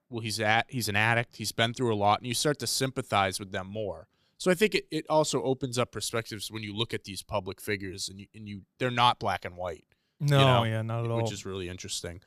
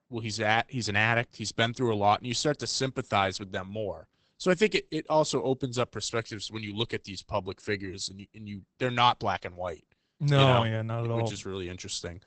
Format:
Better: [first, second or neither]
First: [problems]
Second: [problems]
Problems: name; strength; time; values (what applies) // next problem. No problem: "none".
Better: first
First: none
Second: garbled, watery; badly; nothing above 8 kHz